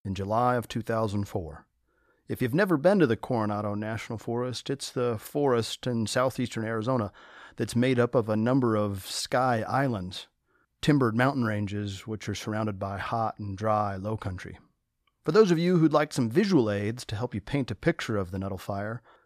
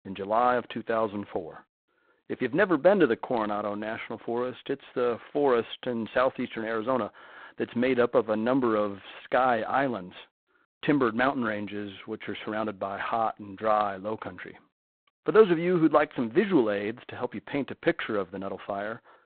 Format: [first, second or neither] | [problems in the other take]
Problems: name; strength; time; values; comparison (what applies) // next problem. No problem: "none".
first | phone-call audio; poor line; nothing above 4 kHz